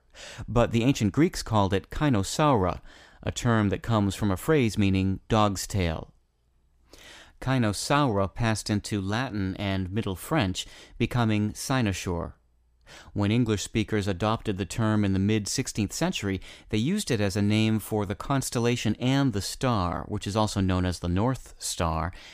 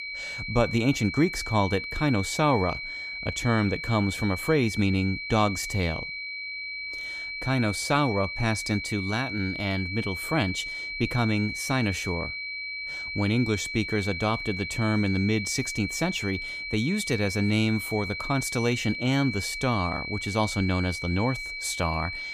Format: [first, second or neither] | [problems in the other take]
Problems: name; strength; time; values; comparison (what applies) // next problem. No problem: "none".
first | high-pitched whine; loud; throughout; 2.5 kHz, 5 dB below the speech